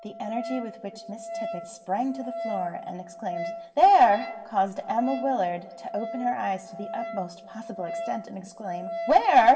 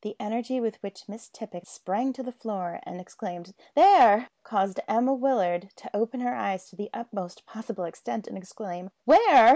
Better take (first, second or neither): second